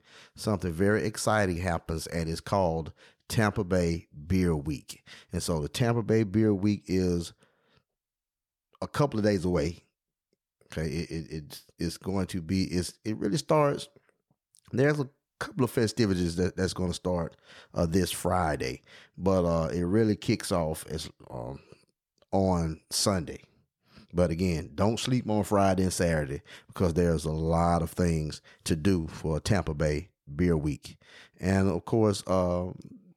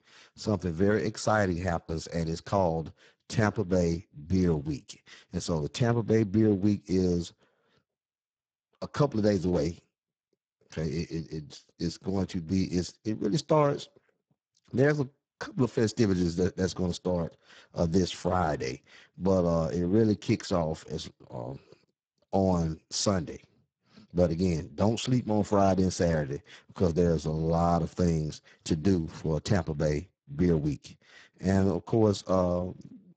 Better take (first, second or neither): first